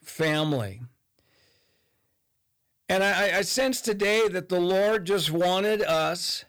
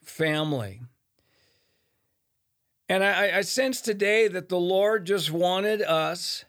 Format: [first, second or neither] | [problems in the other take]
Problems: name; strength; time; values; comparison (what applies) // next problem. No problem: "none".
second | distortion; slight; 11% of the sound clipped